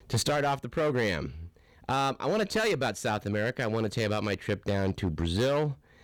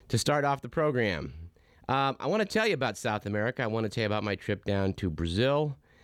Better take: second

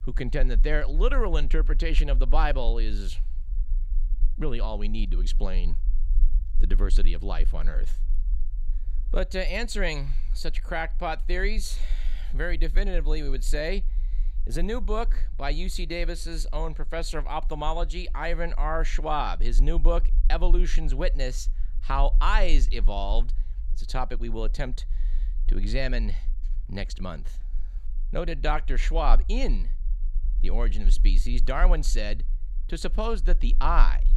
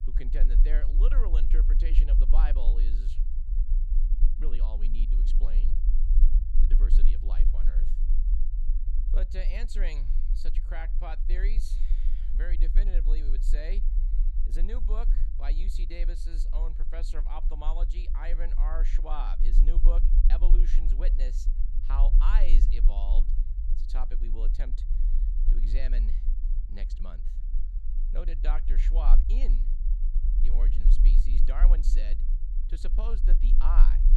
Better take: first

